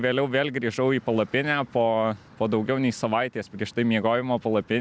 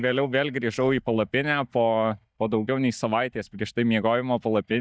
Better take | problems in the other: first | noise reduction (neural mask model DeepFilterNet 3)

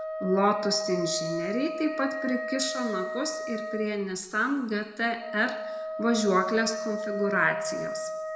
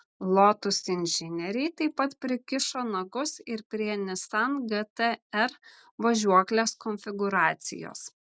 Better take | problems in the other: second | background sound (Wind instrument, woodwind instrument); 5 dB below the speech // room echo; dies away in 0.9 s

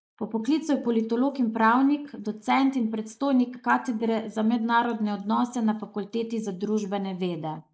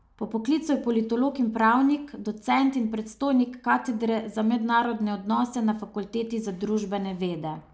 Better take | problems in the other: second | noise reduction (neural mask model Resemble Enhance denoiser)

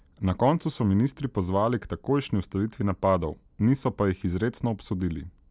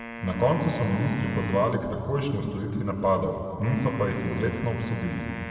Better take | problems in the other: first | background sound (Wind instrument, woodwind instrument); 12 dB below the speech // room echo; dies away in 2.5 s

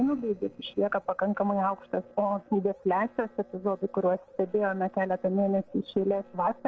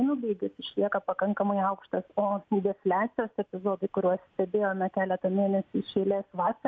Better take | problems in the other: second | noise reduction (neural separator model SepFormer DNS4)

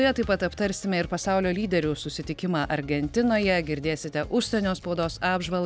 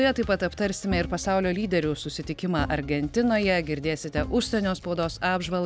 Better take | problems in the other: first | background sound (Bowed string instrument); 13 dB below the speech

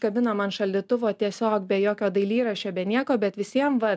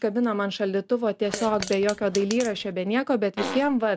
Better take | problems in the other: first | background sound (Fart + Fart); 10 dB below the speech

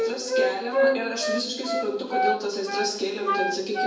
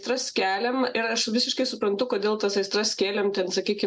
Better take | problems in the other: second | background sound (Wind instrument, woodwind instrument); 2 dB above the speech // room echo; dies away in 1 s

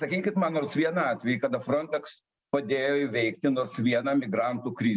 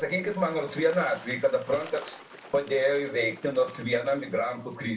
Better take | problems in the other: first | background sound (Water / Bird); 20 dB below the speech // room echo; dies away in 0.3 s

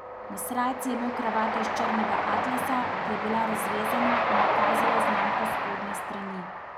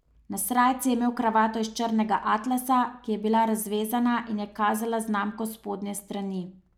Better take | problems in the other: second | background sound (Train); 4 dB above the speech

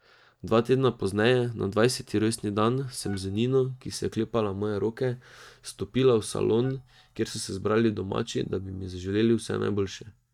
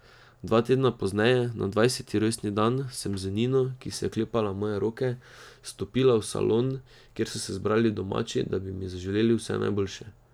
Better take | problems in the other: second | noise reduction (neural mask model DeepFilterNet 3)

